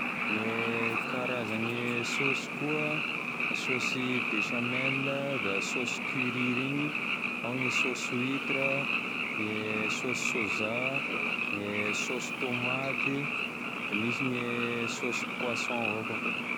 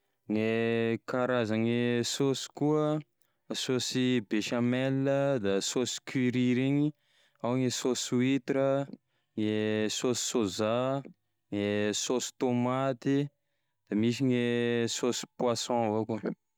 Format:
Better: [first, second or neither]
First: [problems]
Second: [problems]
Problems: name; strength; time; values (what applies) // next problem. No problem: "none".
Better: second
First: background sound (Frog); 3 dB above the speech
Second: none